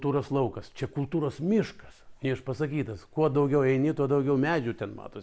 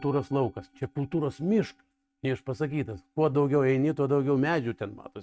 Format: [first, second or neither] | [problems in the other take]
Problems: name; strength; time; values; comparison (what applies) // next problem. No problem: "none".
first | noise reduction (neural mask model RNNoise)